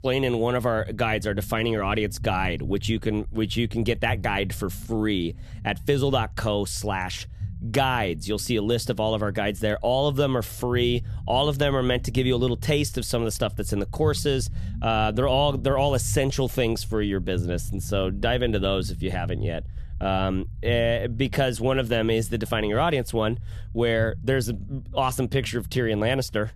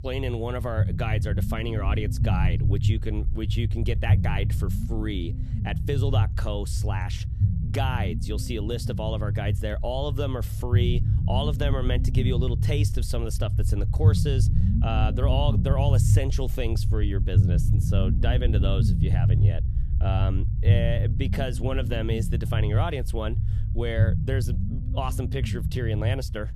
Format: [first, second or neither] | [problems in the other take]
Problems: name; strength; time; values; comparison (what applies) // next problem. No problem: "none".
first | low rumble; loud; throughout; 6 dB below the speech; faint in the first